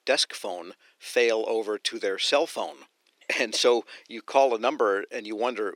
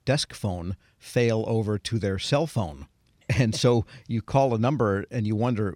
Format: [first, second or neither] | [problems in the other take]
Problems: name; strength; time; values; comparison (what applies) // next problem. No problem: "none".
second | thin; very; fading below 350 Hz